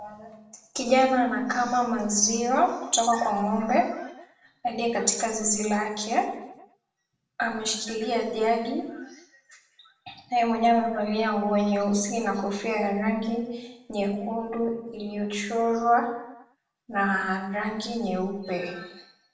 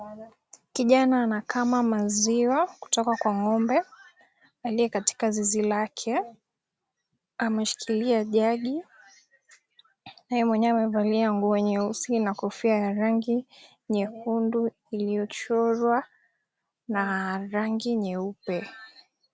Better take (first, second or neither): second